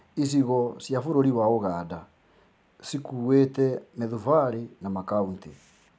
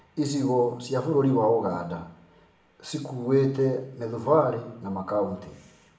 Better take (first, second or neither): first